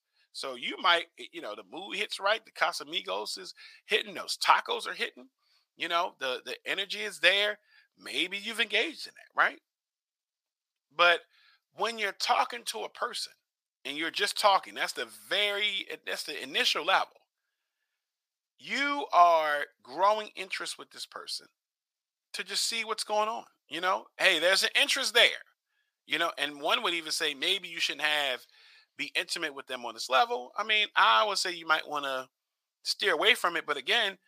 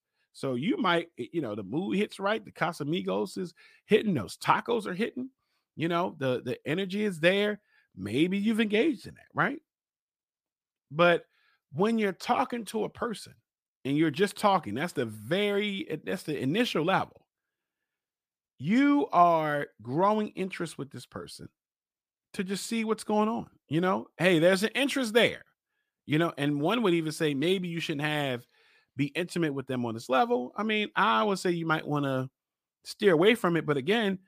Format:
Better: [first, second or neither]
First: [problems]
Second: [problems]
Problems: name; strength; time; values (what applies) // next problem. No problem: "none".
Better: second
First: thin; very; fading below 800 Hz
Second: none